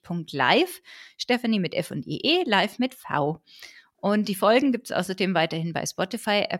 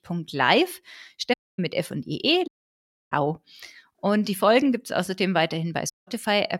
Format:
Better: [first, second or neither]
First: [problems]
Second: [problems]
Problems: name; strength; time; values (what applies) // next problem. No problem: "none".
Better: first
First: none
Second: audio cutting out; at 1.5 s, at 2.5 s for 0.5 s and at 6 s